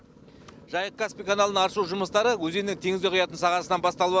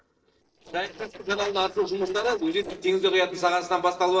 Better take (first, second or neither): first